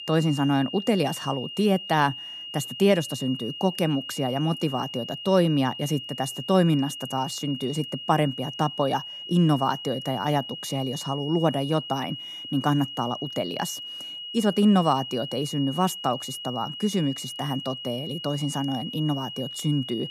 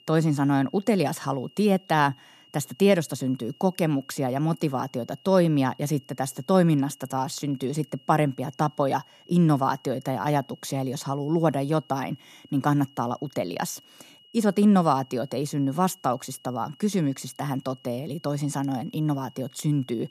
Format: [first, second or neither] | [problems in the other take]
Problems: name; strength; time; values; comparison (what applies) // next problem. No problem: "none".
second | high-pitched whine; loud; throughout; 3 kHz, 9 dB below the speech; faint in the second